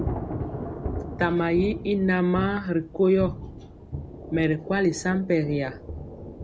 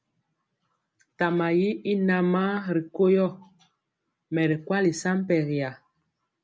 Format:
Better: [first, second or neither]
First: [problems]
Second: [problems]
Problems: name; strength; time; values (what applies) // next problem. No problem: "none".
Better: second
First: background sound (Thunder / Rain); 9 dB below the speech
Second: none